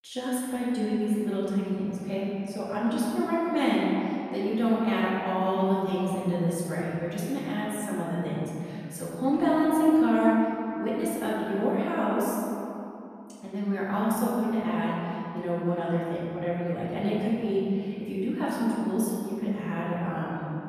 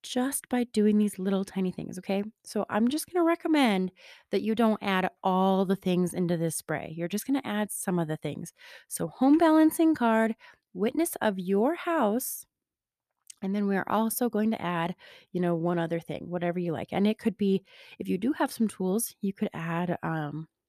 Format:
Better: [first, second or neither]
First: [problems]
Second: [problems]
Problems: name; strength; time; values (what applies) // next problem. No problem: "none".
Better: second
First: off-mic speech; far // room echo; strong; dies away in 2.6 s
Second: none